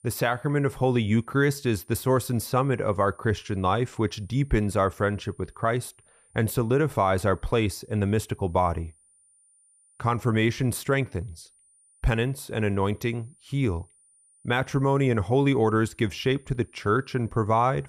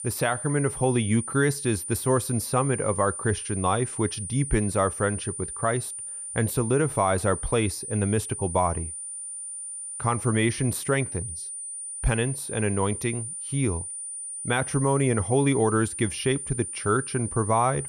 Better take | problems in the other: first | high-pitched whine; loud; throughout; 9 kHz, 7 dB below the speech; faint in the first

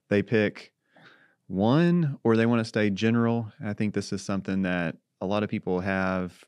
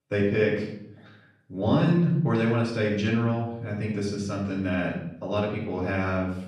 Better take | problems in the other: first | off-mic speech; far // room echo; noticeable; dies away in 0.7 s

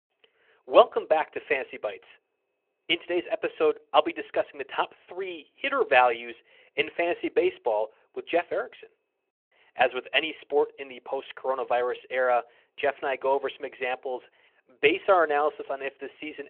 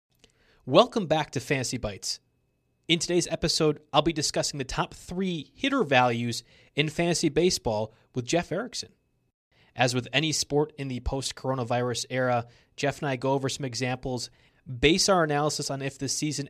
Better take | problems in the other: second | phone-call audio

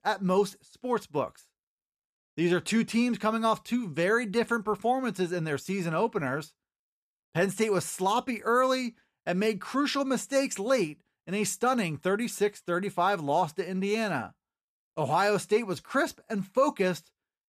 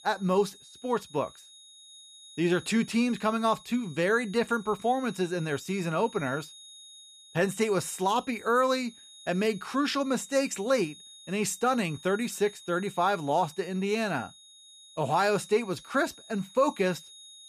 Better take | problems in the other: first | high-pitched whine; noticeable; throughout; 3.5 kHz, 20 dB below the speech

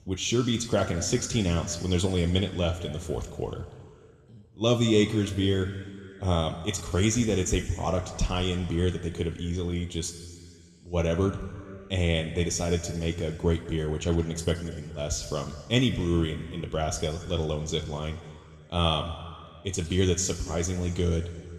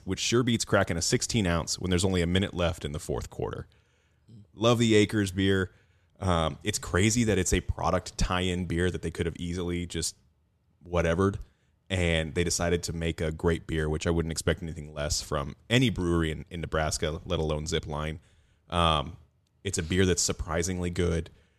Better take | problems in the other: second | room echo; slight; dies away in 1.8 s

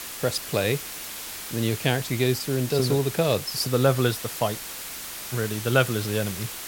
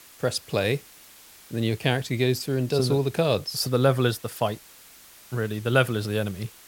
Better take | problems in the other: second | hiss; loud; throughout; 8 dB below the speech; faint in the second

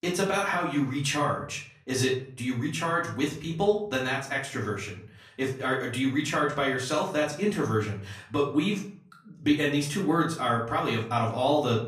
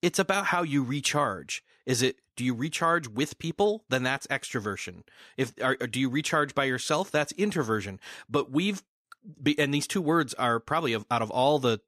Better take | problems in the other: second | room echo; slight; dies away in 0.5 s // off-mic speech; far

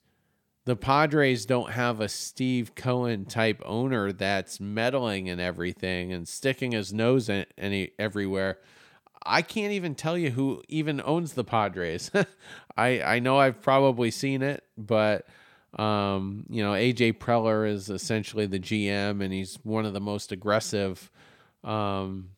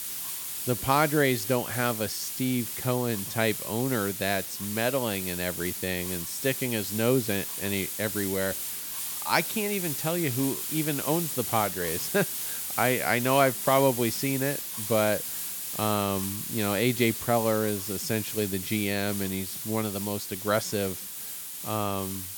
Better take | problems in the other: first | hiss; loud; throughout; 4 dB below the speech

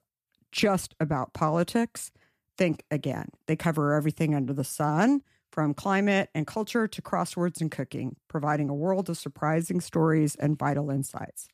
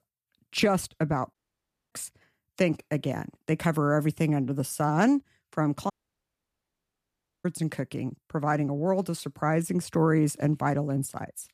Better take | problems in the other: first | audio cutting out; at 1.5 s for 0.5 s and at 6 s for 1.5 s

